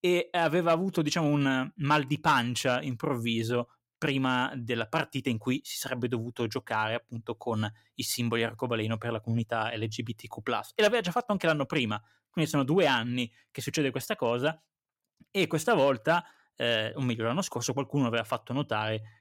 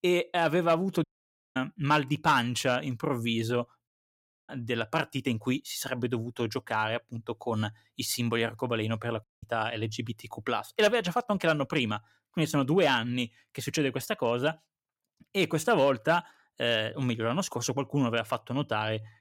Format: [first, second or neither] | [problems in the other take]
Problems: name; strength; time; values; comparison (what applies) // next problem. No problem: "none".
first | audio cutting out; at 1 s for 0.5 s, at 4 s for 0.5 s and at 9 s